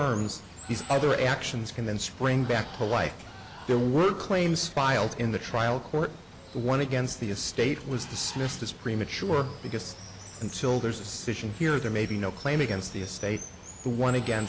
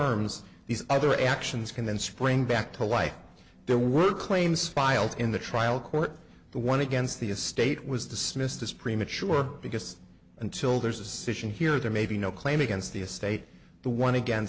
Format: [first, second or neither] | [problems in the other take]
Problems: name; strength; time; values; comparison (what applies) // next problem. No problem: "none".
second | background sound (Water); 17 dB below the speech